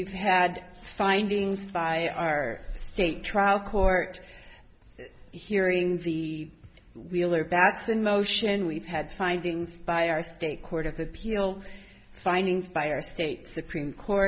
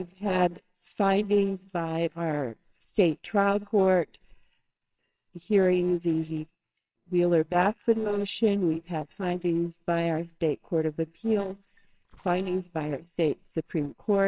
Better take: first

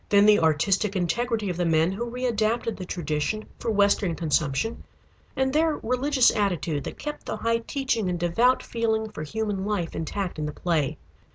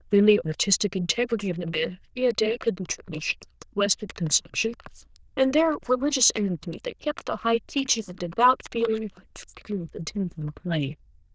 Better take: first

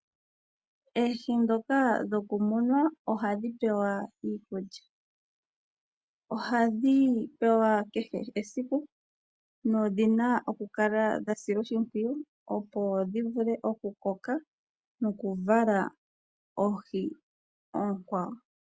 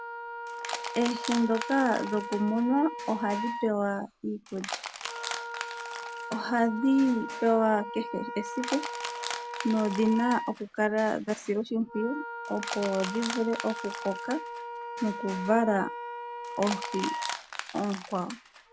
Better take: first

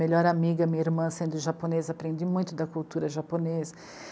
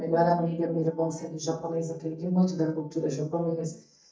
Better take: first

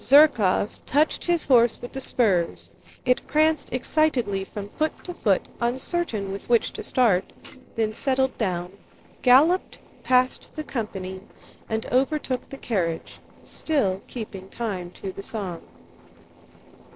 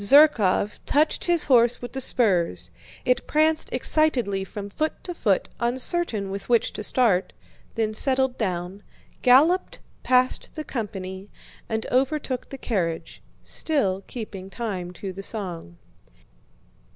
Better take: second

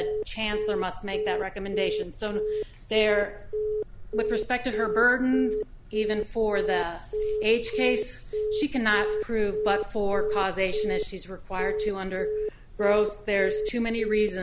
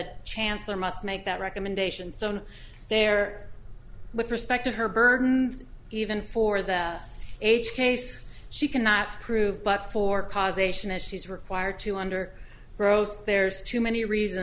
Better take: second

